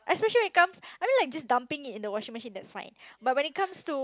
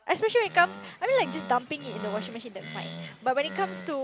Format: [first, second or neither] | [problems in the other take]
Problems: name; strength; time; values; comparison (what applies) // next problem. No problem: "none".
first | background sound (Animal); 12 dB below the speech